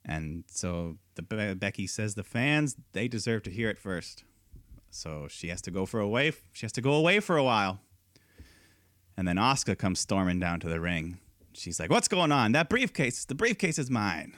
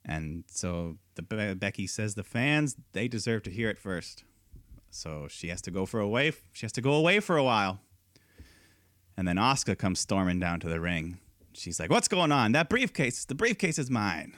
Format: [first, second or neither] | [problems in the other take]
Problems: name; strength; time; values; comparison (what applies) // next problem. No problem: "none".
neither | none